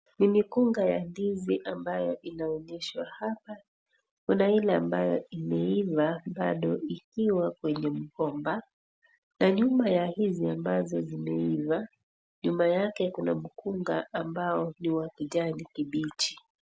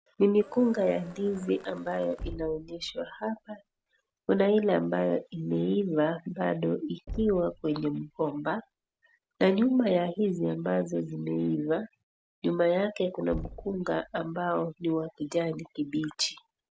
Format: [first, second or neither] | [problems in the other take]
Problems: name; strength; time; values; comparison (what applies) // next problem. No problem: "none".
first | background sound (Cheering + Knock); 18 dB below the speech